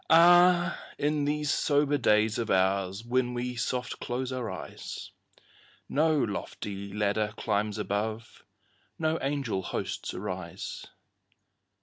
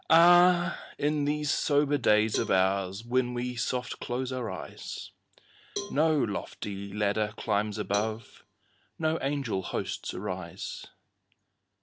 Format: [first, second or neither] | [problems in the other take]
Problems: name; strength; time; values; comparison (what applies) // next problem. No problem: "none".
first | background sound (Cowbell); 16 dB below the speech